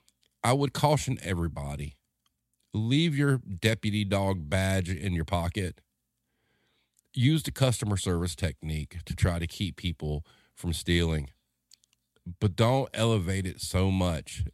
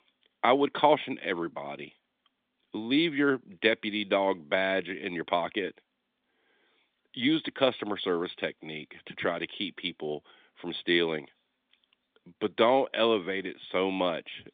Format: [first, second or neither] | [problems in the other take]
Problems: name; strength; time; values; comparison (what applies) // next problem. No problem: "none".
first | phone-call audio; nothing above 3.5 kHz